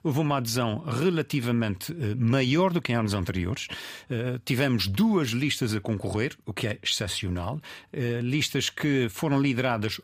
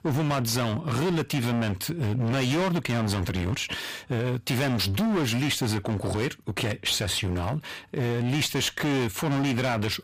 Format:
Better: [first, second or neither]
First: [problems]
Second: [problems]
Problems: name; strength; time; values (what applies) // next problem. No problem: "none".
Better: first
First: none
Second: distortion; heavy; 30% of the sound clipped